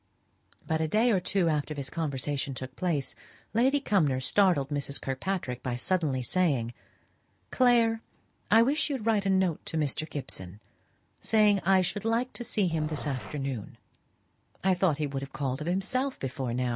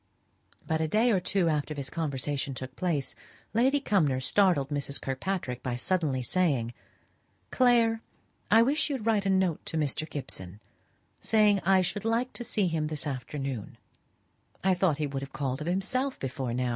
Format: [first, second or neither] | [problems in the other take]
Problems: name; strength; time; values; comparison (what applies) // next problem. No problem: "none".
second | background sound (Growling); 14 dB below the speech